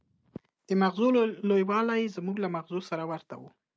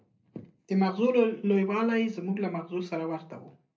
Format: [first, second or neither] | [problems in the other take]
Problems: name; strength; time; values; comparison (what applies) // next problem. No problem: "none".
first | room echo; dies away in 0.3 s